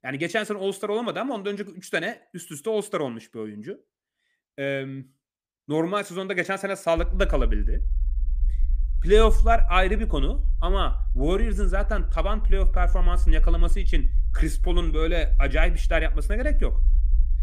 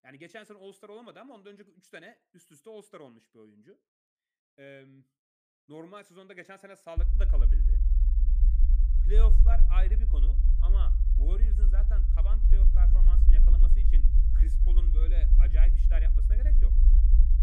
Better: first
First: low rumble; faint; from 7 s on; 25 dB below the speech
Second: low rumble; loud; from 7 s on; 3 dB below the speech

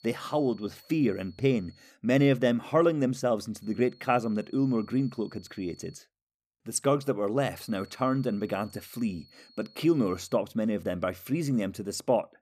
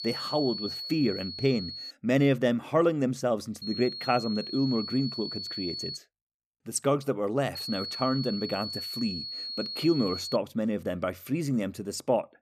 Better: first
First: high-pitched whine; faint; until 2 s, from 3.5 to 6 s and from 7.5 to 10 s; 4.5 kHz, 30 dB below the speech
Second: high-pitched whine; loud; until 2 s, from 3.5 to 6 s and from 7.5 to 10 s; 4.5 kHz, 6 dB below the speech

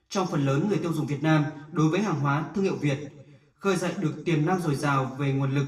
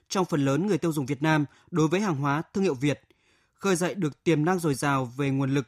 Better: second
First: room echo; slight; dies away in 0.6 s // off-mic speech; far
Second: none

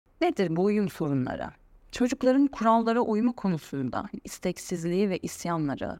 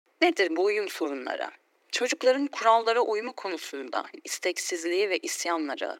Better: first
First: none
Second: thin; somewhat; fading below 300 Hz

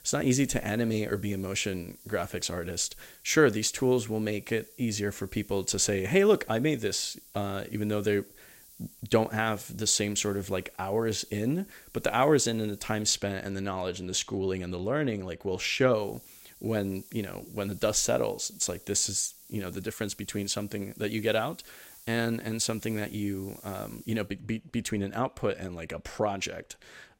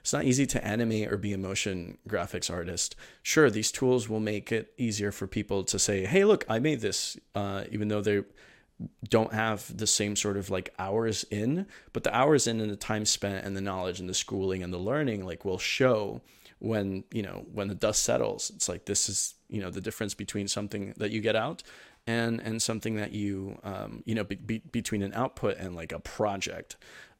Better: second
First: hiss; faint; until 13 s and from 16 to 24 s; 20 dB below the speech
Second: none

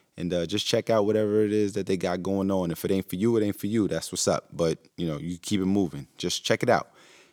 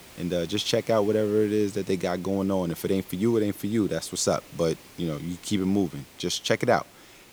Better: first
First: none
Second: hiss; faint; throughout; 20 dB below the speech

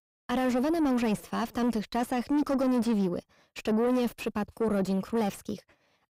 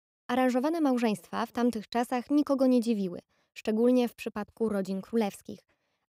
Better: second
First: distortion; heavy; 7 dB below the speech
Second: none

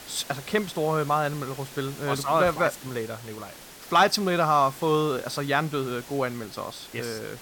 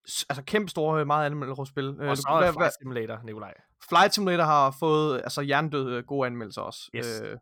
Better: second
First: hiss; noticeable; throughout; 15 dB below the speech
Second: none

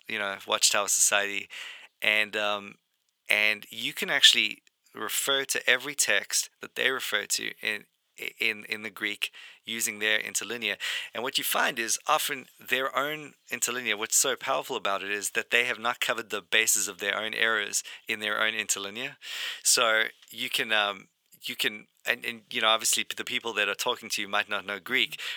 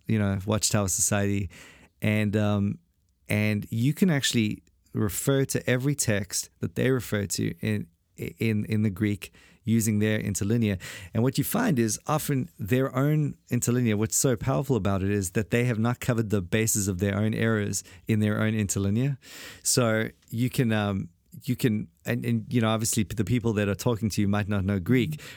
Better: second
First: thin; very; fading below 750 Hz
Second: none

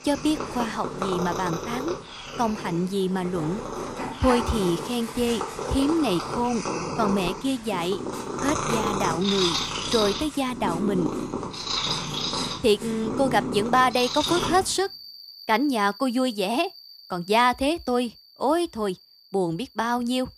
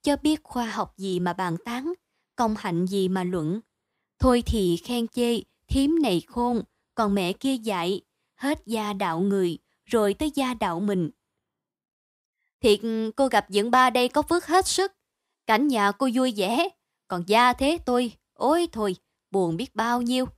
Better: second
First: animal sounds; loud; throughout; 4 dB below the speech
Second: none

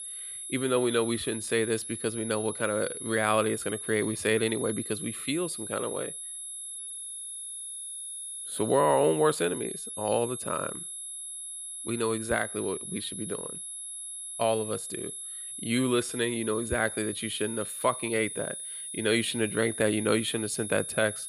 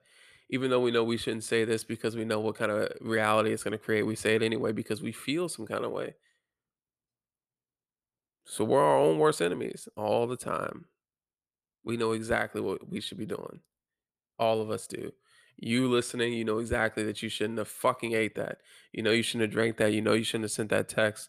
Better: second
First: high-pitched whine; loud; throughout; 11 kHz, 7 dB below the speech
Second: none

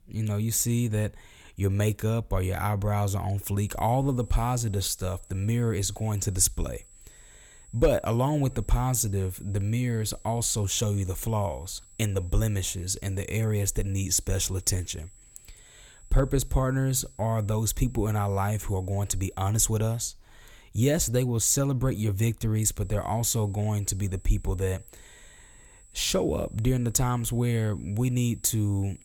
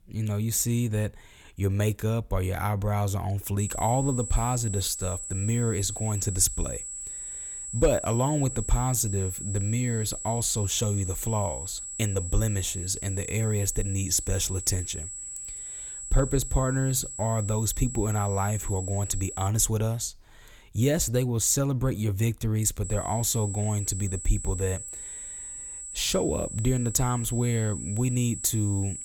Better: first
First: high-pitched whine; faint; from 3.5 to 19 s and from 23 s on; 8 kHz, 25 dB below the speech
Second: high-pitched whine; loud; from 3.5 to 19 s and from 23 s on; 8 kHz, 7 dB below the speech

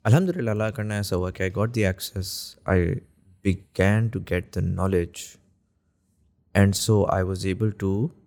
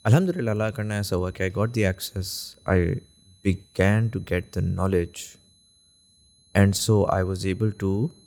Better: first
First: none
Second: high-pitched whine; faint; throughout; 4 kHz, 30 dB below the speech

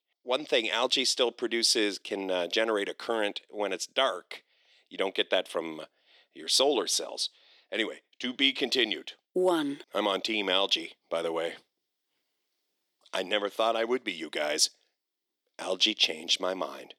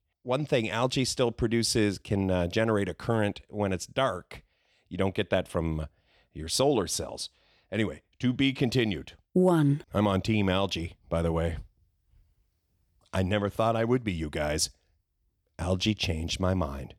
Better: second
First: thin; somewhat; fading below 300 Hz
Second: none

